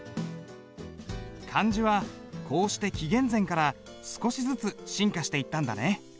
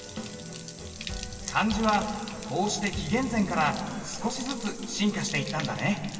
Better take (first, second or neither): first